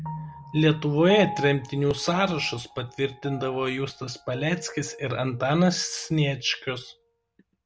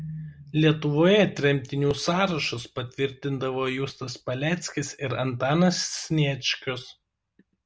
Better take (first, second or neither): second